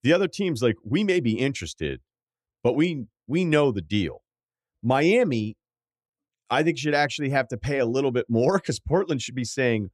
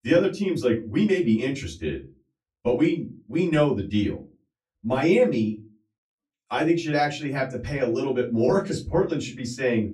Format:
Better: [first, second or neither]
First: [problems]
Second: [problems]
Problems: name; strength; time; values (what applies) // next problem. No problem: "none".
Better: first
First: none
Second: off-mic speech; far // room echo; very slight; dies away in 0.2 s